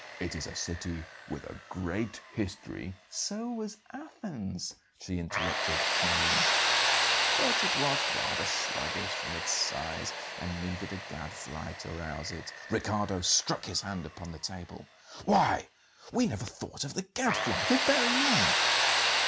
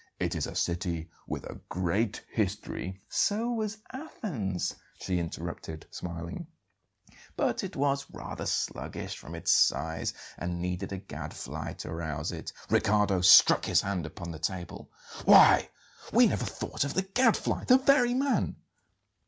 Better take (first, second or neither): second